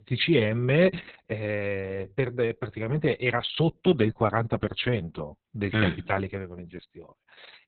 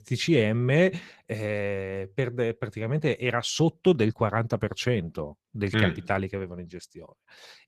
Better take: second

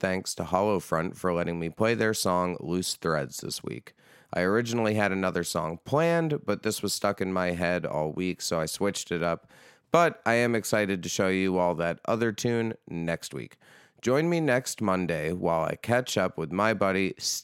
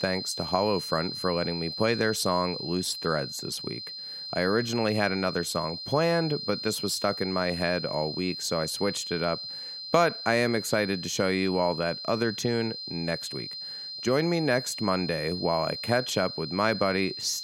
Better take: first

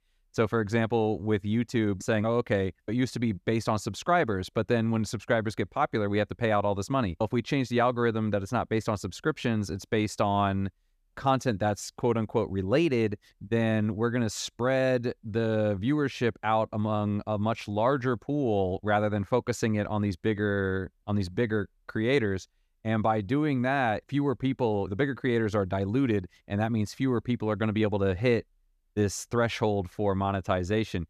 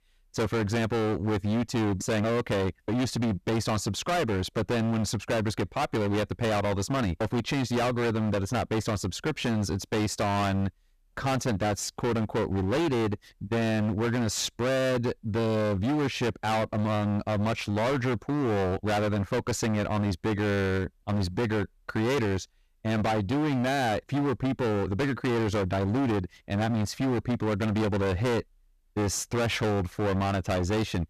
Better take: first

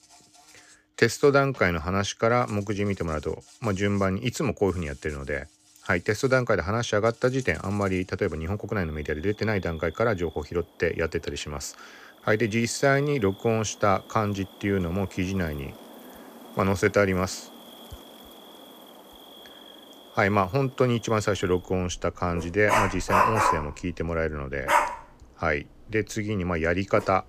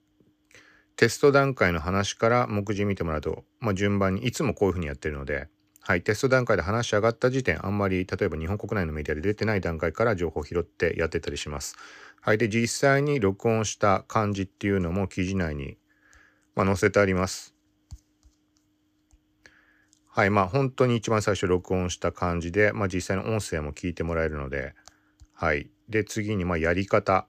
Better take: second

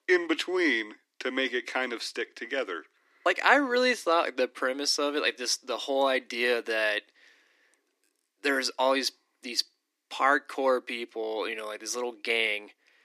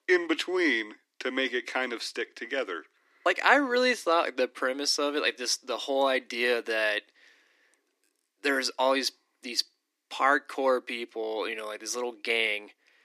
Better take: neither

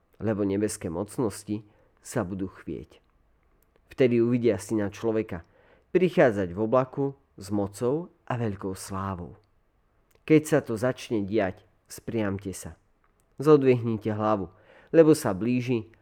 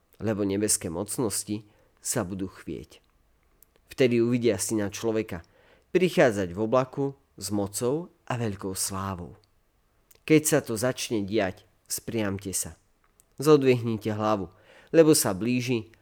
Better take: second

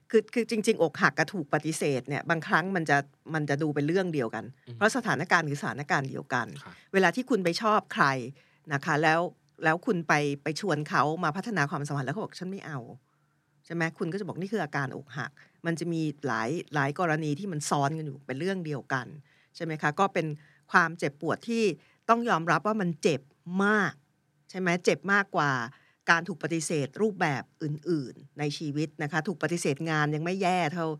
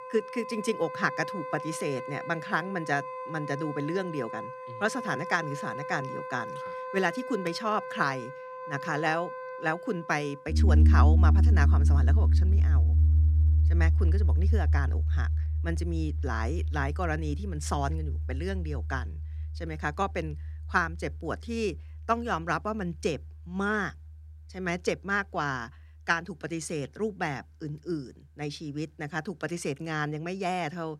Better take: first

